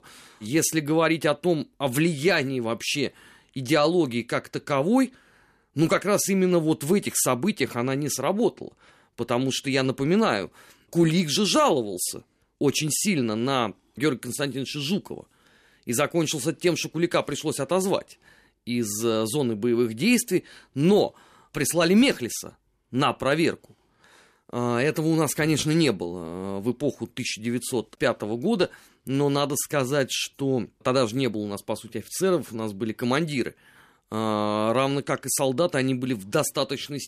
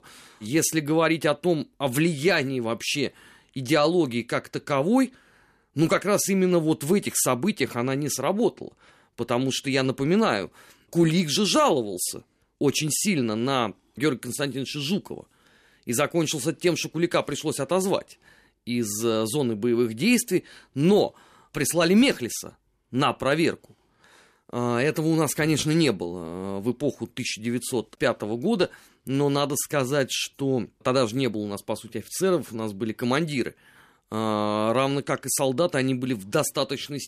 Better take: neither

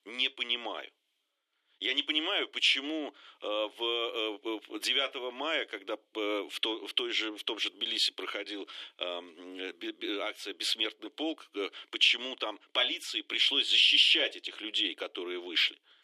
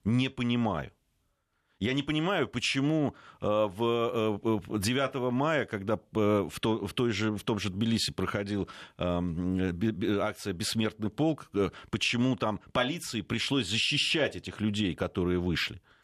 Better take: second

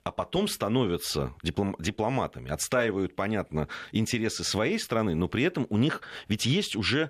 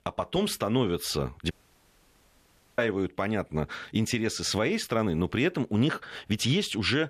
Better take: first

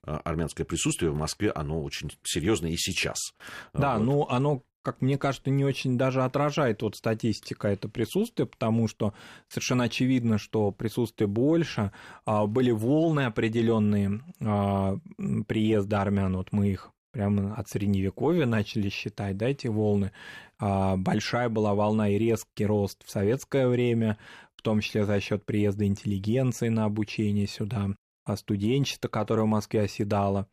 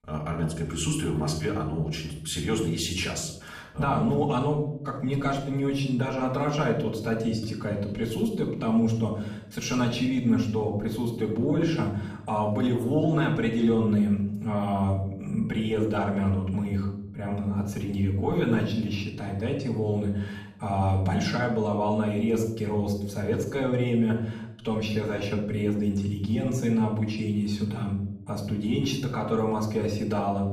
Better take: first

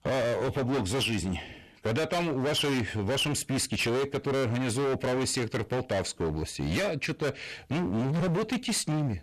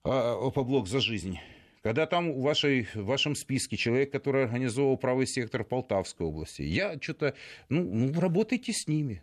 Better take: second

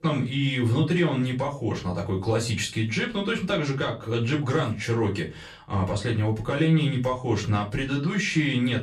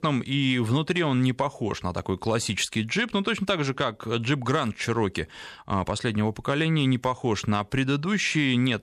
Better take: second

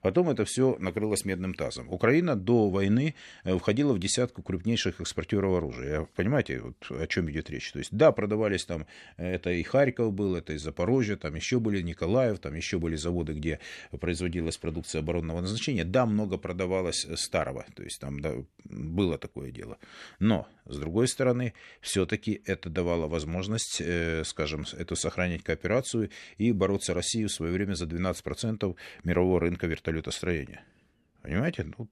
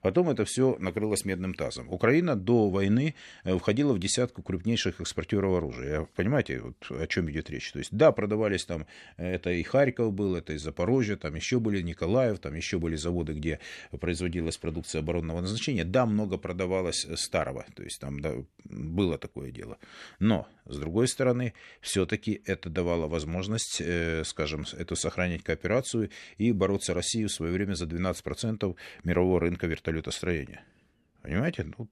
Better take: neither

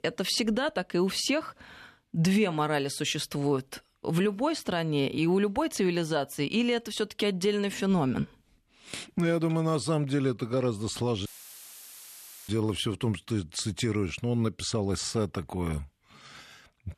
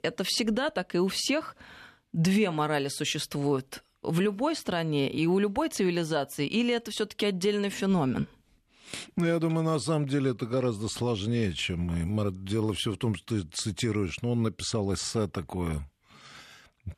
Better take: second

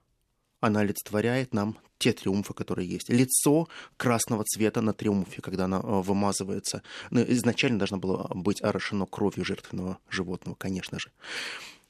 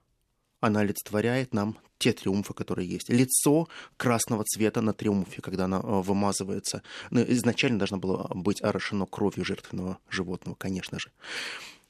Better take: neither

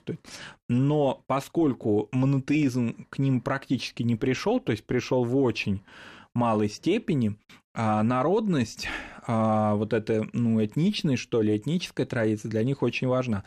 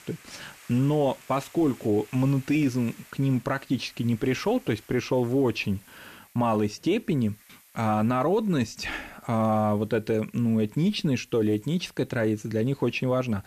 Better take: first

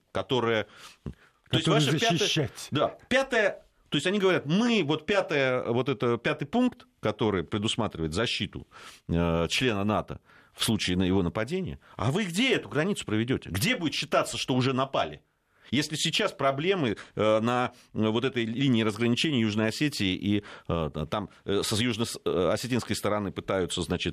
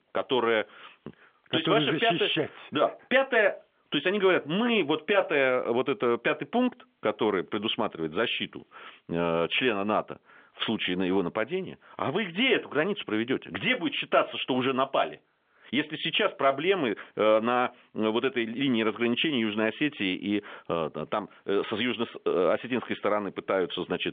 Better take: first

